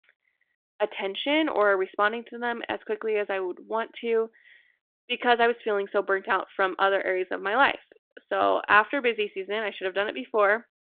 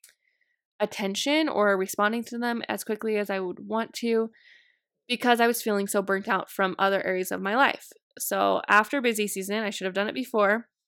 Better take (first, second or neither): second